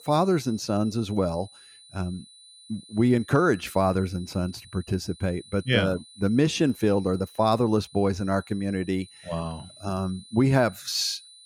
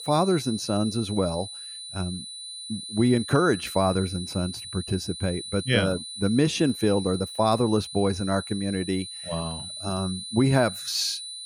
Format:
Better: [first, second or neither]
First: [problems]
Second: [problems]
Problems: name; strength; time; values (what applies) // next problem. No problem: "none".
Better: first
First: high-pitched whine; faint; throughout; 4 kHz, 20 dB below the speech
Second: high-pitched whine; loud; throughout; 4 kHz, 9 dB below the speech